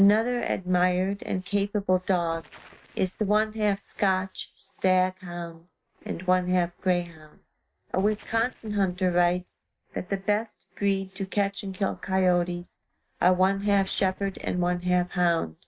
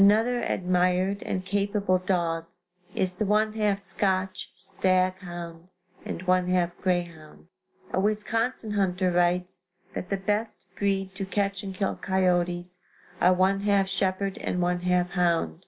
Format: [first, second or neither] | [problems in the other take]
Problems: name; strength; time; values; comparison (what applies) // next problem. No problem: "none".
second | noise reduction (neural mask model RNNoise)